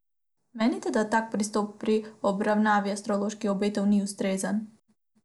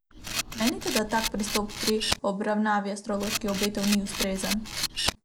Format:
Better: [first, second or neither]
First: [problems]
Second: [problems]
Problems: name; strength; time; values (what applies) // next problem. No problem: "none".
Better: first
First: none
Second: background sound (Camera); 3 dB below the speech